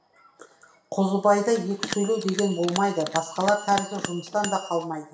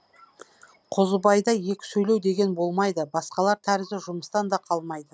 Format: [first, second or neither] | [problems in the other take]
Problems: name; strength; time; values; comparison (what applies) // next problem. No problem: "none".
second | background sound (Bell); 11 dB below the speech // room echo; dies away in 0.6 s